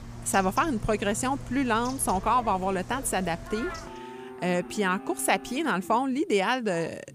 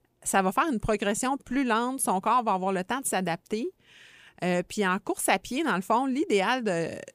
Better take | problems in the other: second | animal sounds; noticeable; throughout; 15 dB below the speech

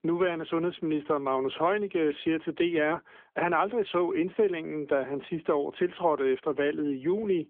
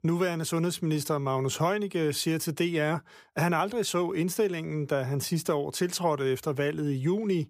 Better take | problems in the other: second | phone-call audio; nothing above 3.5 kHz

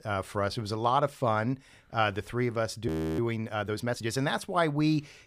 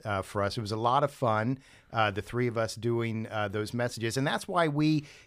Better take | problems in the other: second | audio freezing; at 3 s

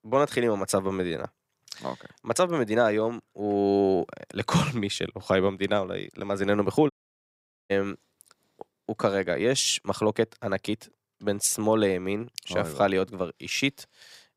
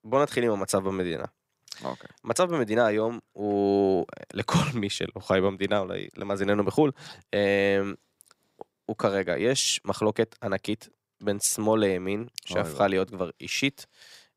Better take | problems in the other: second | audio cutting out; at 7 s for 1 s

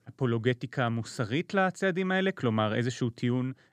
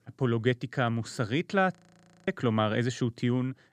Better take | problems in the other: first | audio freezing; at 2 s for 0.5 s

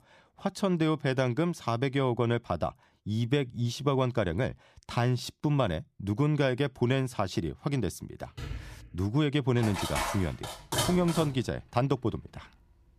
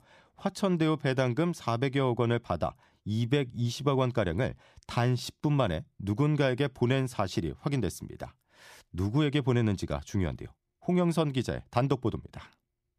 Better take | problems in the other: second | door banging; faint; at 8.5 s; peak 10 dB below the speech // clattering dishes; noticeable; from 9.5 to 11 s; peak level with the speech

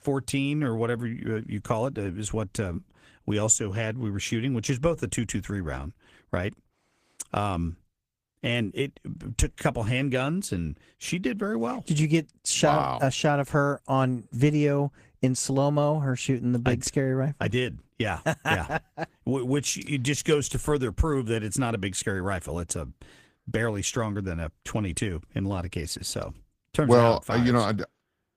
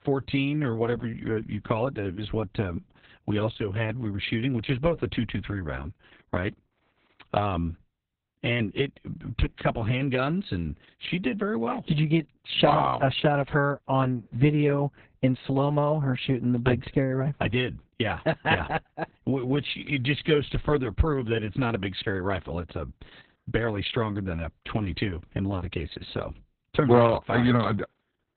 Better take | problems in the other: first | garbled, watery; badly; nothing above 4 kHz; slightly in the first

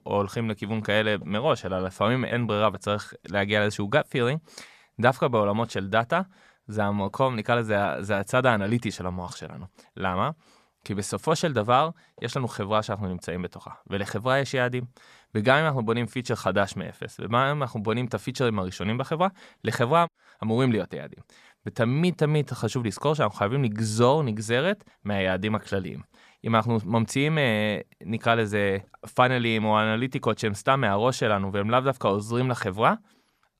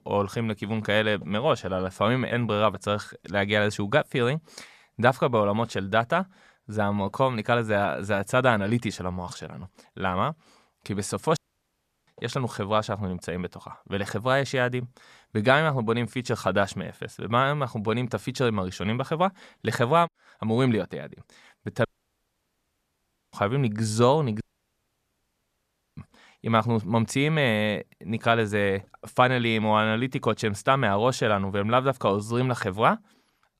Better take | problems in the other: first | audio cutting out; at 11 s for 0.5 s, at 22 s for 1.5 s and at 24 s for 1.5 s

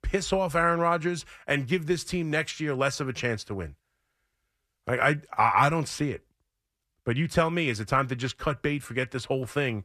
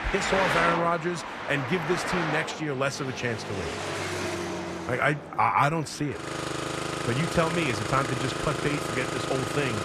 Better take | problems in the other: first | traffic noise; loud; throughout; 3 dB below the speech

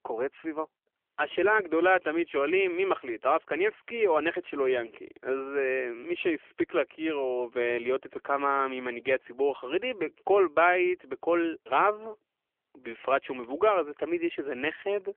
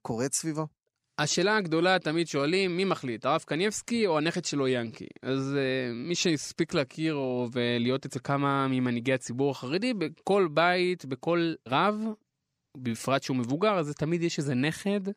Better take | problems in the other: second | phone-call audio

